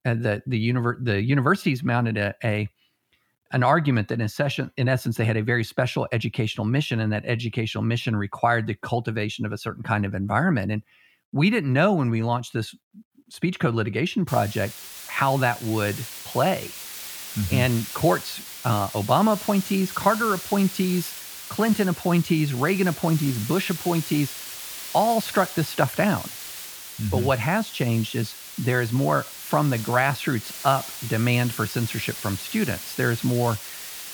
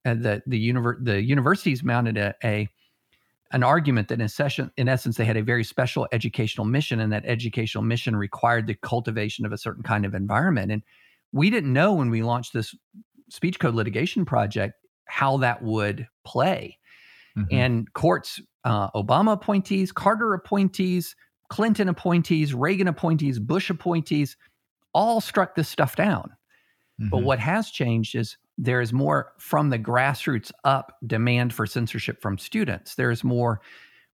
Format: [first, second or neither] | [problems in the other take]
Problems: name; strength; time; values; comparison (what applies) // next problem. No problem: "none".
second | hiss; noticeable; from 14 s on; 10 dB below the speech